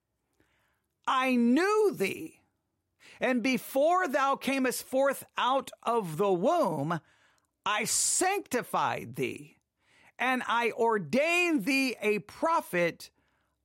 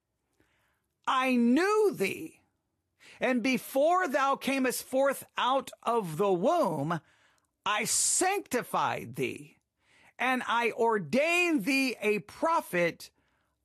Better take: first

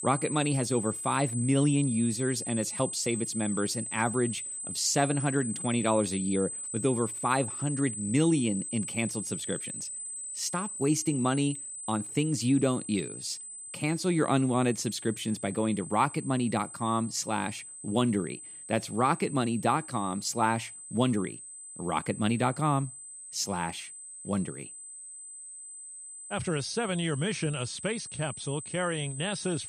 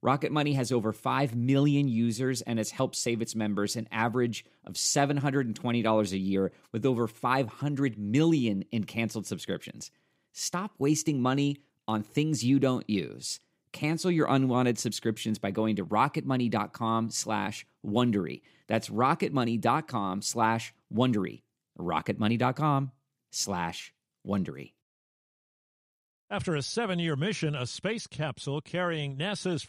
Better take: second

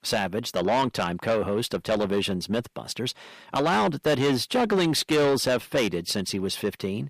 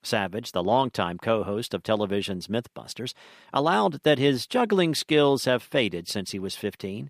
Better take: second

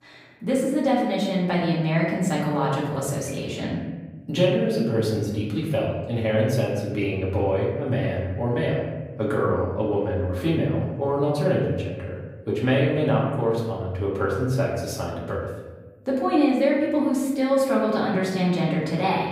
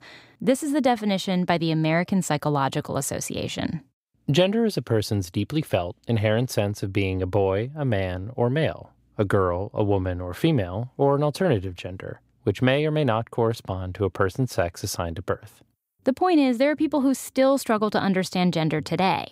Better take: second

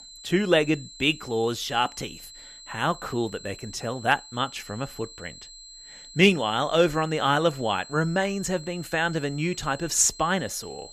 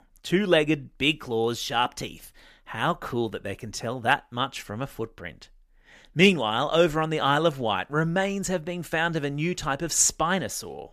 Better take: second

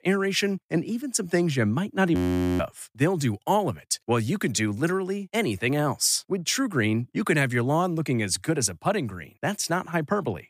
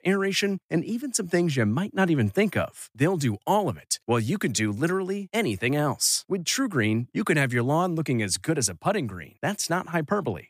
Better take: second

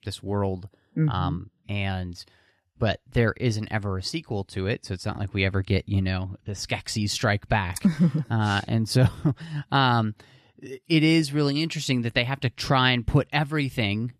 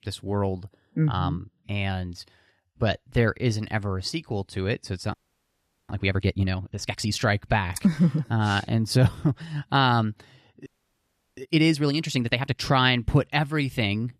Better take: first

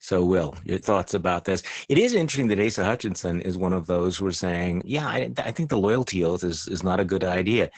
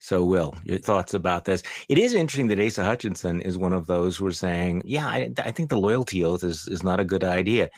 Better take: second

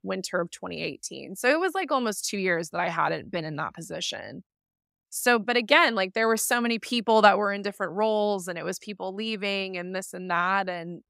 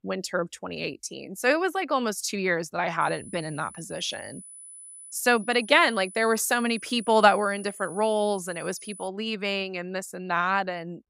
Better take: first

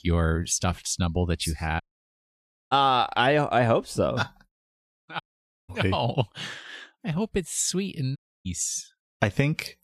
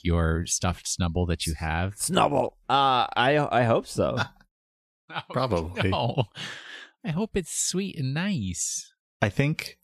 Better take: second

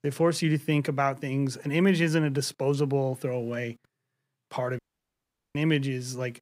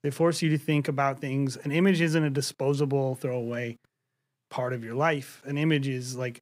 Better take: second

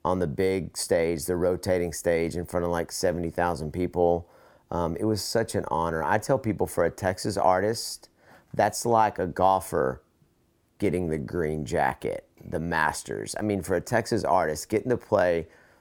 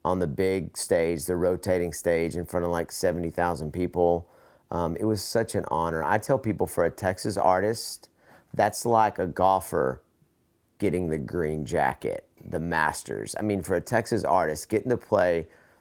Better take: first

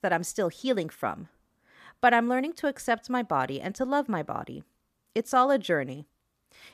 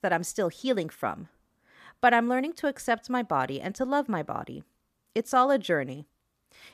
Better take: neither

